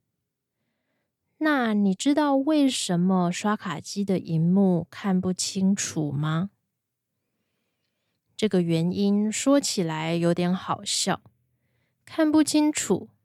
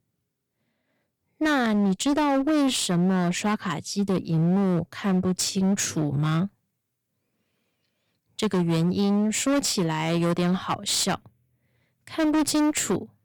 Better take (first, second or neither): first